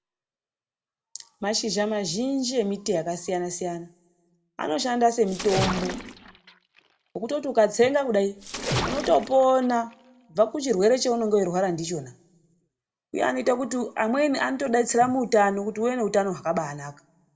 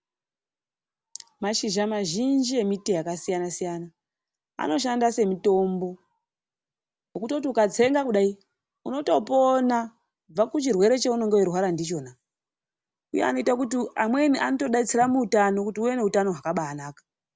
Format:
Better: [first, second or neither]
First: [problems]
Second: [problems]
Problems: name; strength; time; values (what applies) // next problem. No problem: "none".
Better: second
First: background sound (Splash, splatter); 7 dB below the speech // room echo; dies away in 0.3 s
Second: none